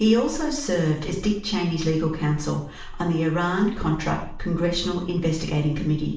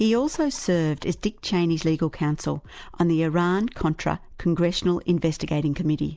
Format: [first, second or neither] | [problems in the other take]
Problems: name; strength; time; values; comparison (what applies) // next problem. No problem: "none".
second | room echo; dies away in 0.5 s